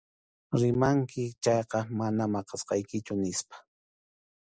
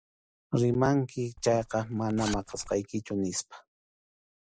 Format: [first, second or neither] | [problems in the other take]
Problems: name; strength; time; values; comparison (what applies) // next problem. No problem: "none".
first | background sound (Zipper (clothing)); 12 dB below the speech